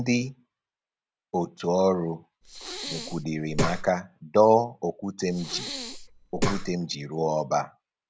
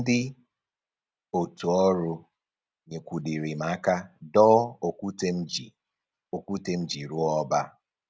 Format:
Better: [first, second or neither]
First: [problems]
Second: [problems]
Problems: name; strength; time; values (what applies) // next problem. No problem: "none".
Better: second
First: background sound (Breathing); 4 dB below the speech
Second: none